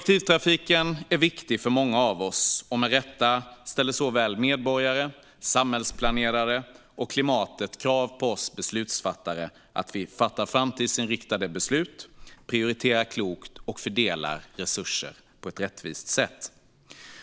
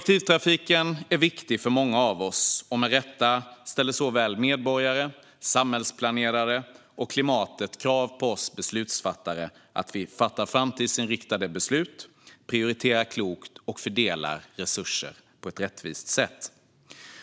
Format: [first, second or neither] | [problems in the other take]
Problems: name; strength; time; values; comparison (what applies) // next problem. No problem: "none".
second | background sound (Alarm / Insect); 18 dB below the speech